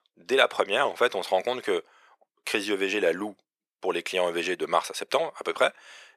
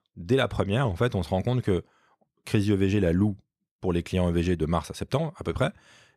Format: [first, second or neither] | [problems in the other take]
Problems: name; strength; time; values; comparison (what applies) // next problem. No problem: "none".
second | thin; very; fading below 450 Hz